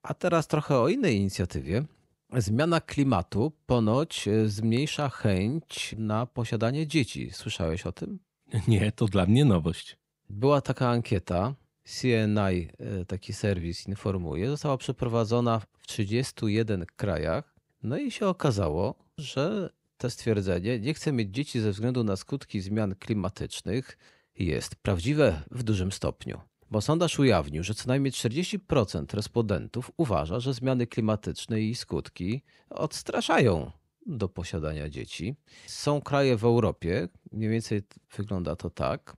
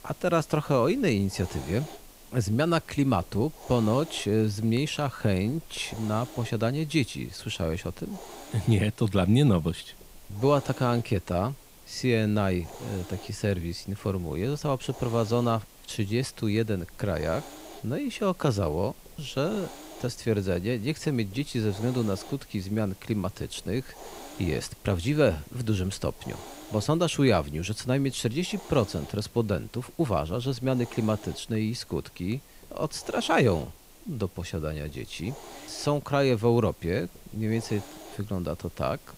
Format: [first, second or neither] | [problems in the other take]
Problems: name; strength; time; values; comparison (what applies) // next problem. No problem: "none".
first | hiss; noticeable; throughout; 20 dB below the speech